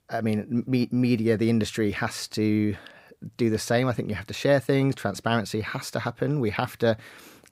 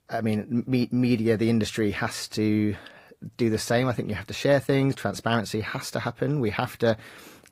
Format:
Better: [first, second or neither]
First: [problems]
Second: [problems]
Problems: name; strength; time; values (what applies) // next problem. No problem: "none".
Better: first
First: none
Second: garbled, watery; slightly; nothing above 15.5 kHz